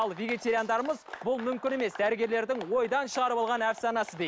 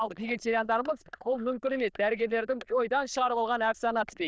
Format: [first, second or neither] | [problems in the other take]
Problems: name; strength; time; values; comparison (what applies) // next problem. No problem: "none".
first | noise reduction (neural diffusion model UNIVERSE++)